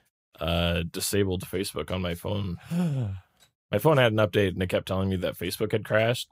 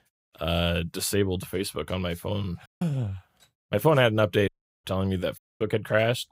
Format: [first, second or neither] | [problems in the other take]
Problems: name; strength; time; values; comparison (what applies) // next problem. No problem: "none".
first | audio cutting out; at 2.5 s, at 4.5 s and at 5.5 s